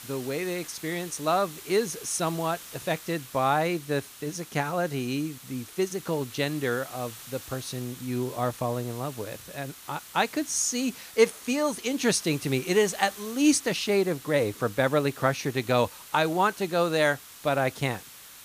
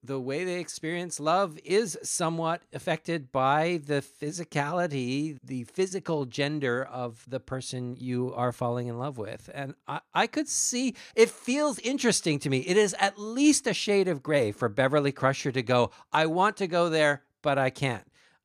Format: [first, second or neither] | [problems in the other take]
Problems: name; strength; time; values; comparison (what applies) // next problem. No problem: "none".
second | hiss; noticeable; throughout; 15 dB below the speech